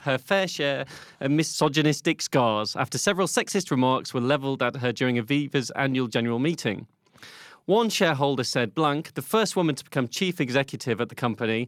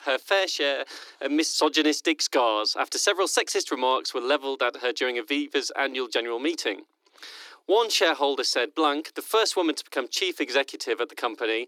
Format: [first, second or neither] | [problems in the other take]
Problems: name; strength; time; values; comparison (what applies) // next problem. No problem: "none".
first | thin; somewhat; fading below 300 Hz